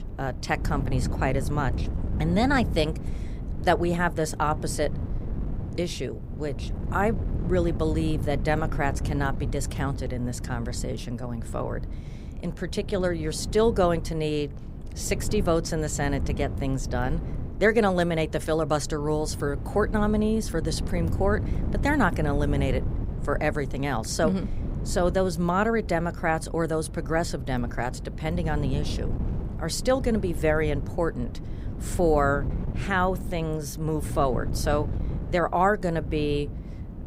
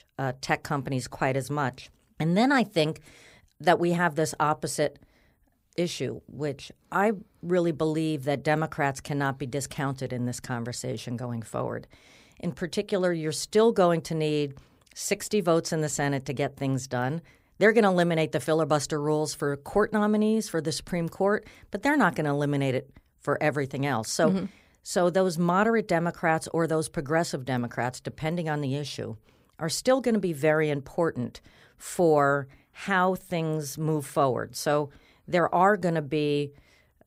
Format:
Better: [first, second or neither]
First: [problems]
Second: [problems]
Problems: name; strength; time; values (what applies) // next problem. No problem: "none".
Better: second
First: wind noise on the microphone; occasional gusts; 15 dB below the speech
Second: none